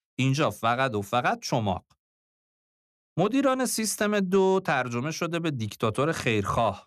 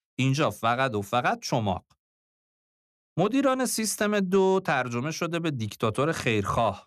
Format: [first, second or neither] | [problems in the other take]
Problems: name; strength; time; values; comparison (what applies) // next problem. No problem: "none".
neither | none